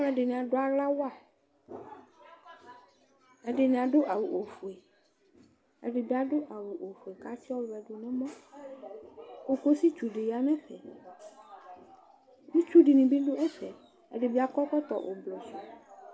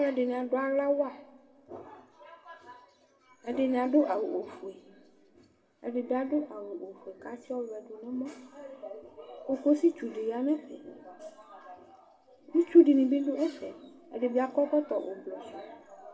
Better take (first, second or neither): first